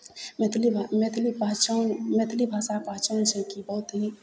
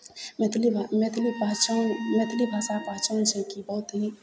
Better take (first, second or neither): first